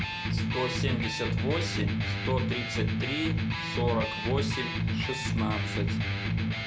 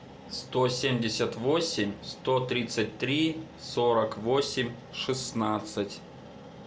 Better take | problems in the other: second | background sound (Electric guitar); 5 dB above the speech

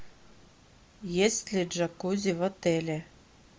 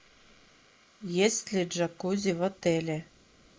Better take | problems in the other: first | noise reduction (neural mask model Resemble Enhance denoiser)

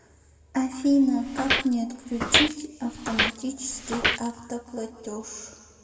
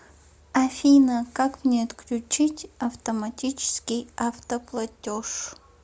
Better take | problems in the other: second | background sound (Walk, footsteps); as loud as the speech // room echo; dies away in 1.6 s

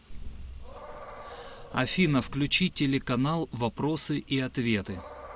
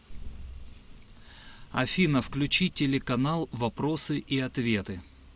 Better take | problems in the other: second | background sound (Animal); 20 dB below the speech

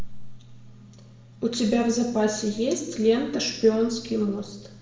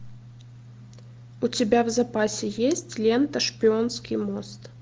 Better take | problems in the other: second | room echo; dies away in 0.8 s

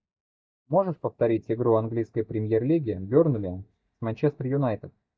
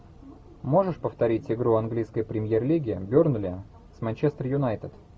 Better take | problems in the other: second | noise reduction (neural mask model DeepFilterNet 3)

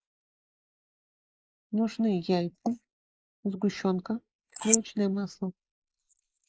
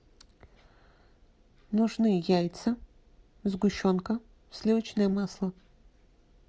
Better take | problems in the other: second | noise reduction (neural mask model Resemble Enhance denoiser)

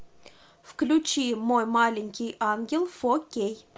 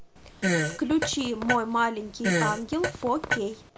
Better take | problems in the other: first | background sound (Fart); 1 dB below the speech

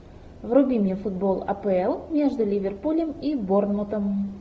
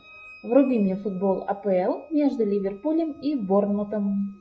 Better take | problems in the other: first | noise reduction (classical method log-MMSE)

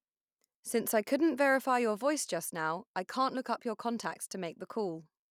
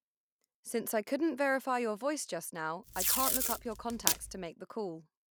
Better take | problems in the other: first | background sound (Packing tape, duct tape); 2 dB above the speech

